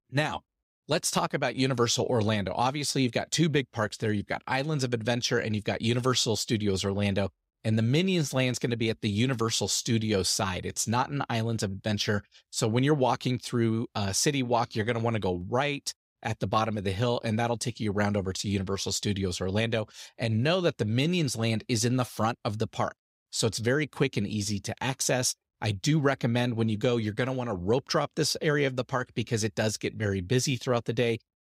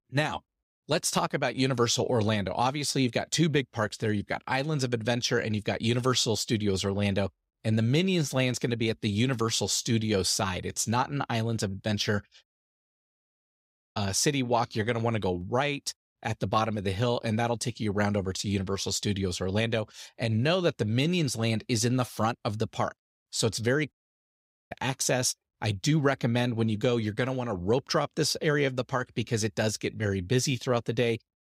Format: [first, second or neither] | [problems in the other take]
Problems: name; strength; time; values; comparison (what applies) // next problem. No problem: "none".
first | audio cutting out; at 12 s for 1.5 s and at 24 s for 1 s